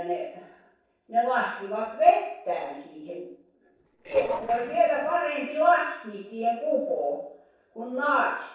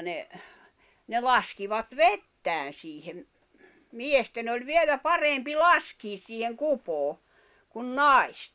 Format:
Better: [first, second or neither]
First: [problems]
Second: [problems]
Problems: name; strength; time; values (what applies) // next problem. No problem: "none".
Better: second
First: noise reduction (neural separator model SepFormer DNS4)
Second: none